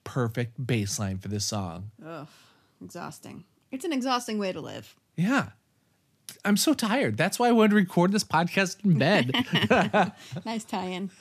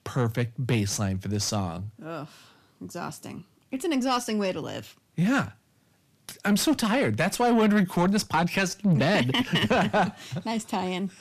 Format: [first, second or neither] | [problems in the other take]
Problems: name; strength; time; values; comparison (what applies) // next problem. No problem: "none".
first | distortion; slight; 10 dB below the speech